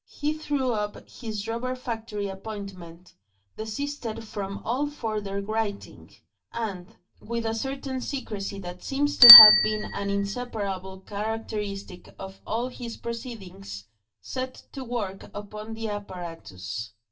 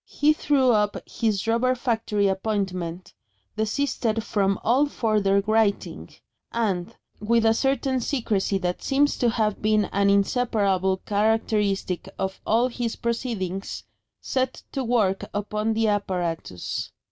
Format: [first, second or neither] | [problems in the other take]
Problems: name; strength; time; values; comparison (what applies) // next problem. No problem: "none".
second | background sound (Bicycle bell); as loud as the speech // room echo; dies away in 0.2 s